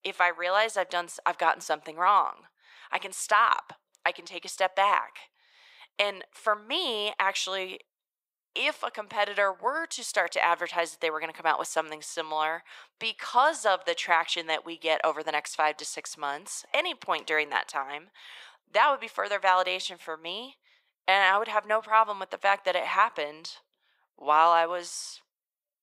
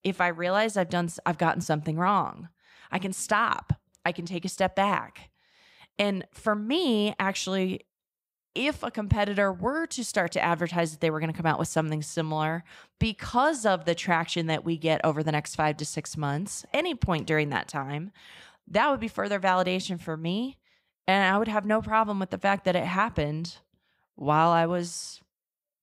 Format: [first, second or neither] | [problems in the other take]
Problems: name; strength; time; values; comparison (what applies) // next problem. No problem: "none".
second | thin; very; fading below 500 Hz